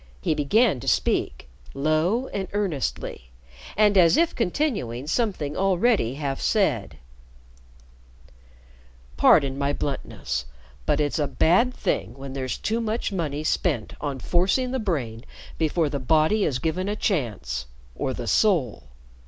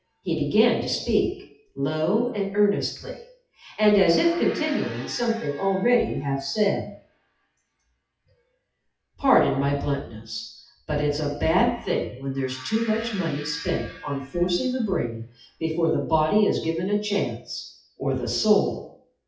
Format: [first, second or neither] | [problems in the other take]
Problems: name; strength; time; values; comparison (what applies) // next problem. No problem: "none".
first | noise reduction (classical method WPE with log-MMSE)